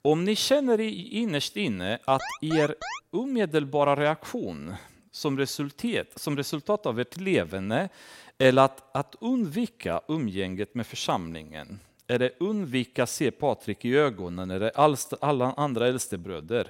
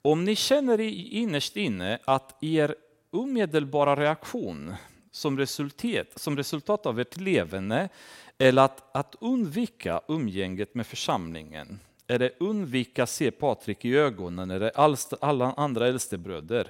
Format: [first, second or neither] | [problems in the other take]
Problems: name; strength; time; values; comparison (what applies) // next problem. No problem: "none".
second | alarm; noticeable; at 2 s; peak 8 dB below the speech